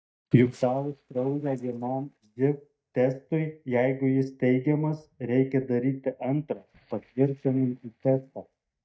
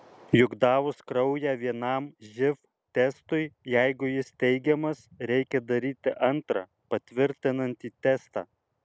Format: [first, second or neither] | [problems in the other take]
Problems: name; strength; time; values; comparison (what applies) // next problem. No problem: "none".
second | noise reduction (neural mask model DeepFilterNet 3)